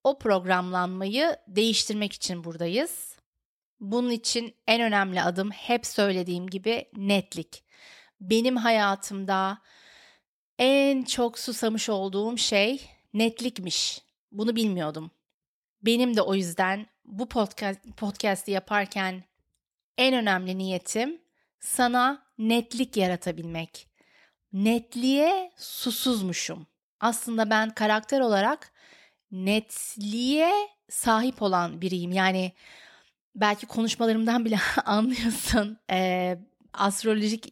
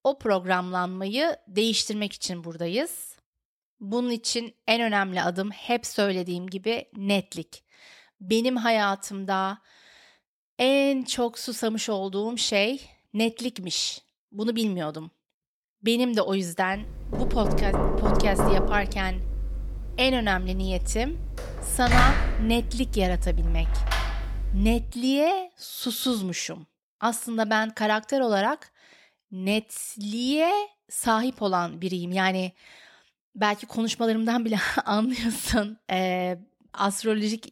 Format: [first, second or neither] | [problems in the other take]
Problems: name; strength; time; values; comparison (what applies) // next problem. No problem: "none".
first | door banging; loud; from 17 to 25 s; peak 5 dB above the speech